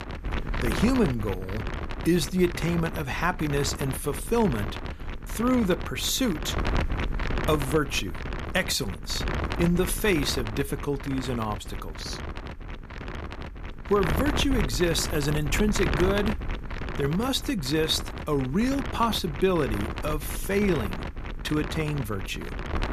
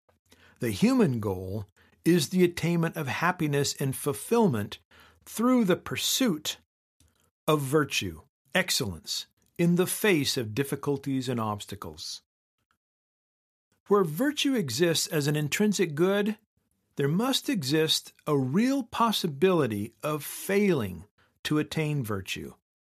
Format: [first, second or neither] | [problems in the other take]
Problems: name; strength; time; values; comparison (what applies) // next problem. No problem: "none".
second | wind noise on the microphone; heavy; 7 dB below the speech